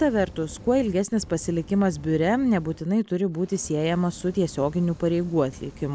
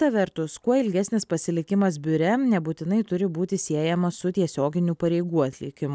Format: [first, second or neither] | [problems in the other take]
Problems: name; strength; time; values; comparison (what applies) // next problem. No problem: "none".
second | background sound (Fire); 19 dB below the speech